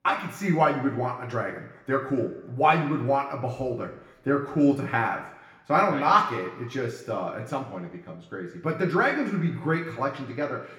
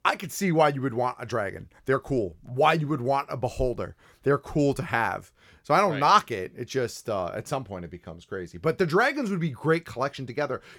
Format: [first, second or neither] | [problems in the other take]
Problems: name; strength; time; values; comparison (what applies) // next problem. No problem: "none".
second | room echo; slight; dies away in 1 s // off-mic speech; far